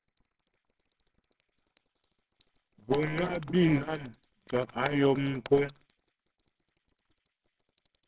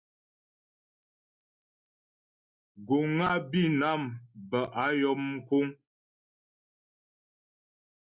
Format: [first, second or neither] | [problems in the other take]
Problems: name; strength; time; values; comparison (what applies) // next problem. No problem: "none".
second | noise reduction (neural separator model SepFormer WHAMR!)